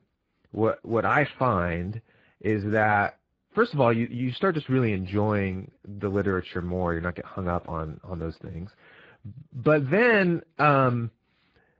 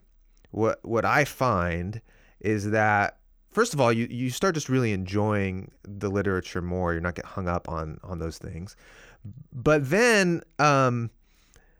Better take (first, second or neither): second